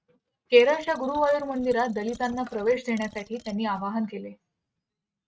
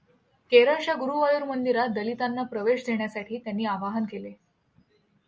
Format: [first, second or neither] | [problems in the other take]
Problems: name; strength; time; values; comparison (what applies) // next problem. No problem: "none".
second | noise reduction (neural mask model RNNoise)